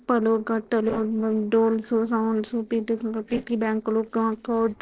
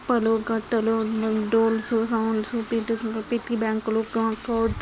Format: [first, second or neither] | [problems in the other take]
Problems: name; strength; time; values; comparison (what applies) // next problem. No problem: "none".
second | noise reduction (neural separator model SepFormer DNS4)